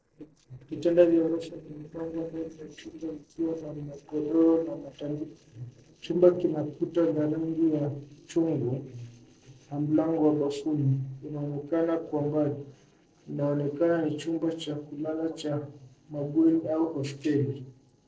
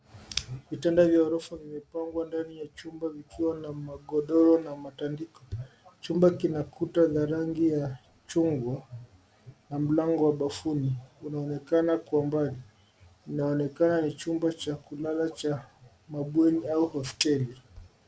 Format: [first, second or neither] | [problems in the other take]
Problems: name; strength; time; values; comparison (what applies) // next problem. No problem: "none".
second | noise reduction (neural separator model SepFormer DNS4)